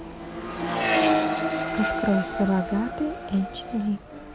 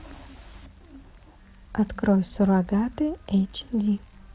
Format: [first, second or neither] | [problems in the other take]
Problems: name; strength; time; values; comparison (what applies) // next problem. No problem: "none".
second | background sound (Accelerating, revving, vroom); 1 dB above the speech